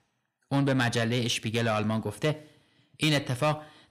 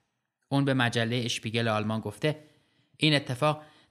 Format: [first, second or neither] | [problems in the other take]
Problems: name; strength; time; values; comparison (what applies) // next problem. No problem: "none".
second | distortion; slight; 10 dB below the speech